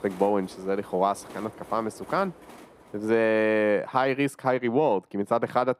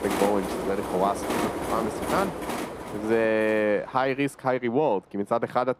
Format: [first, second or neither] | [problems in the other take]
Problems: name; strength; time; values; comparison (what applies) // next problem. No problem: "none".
first | train or aircraft noise; loud; throughout; 5 dB below the speech; faint in the first